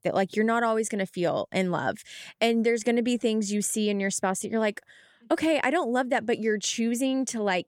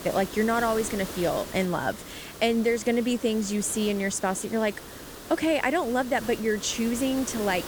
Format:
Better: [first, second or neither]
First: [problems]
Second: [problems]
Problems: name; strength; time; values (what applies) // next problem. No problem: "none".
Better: first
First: none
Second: hiss; noticeable; throughout; 10 dB below the speech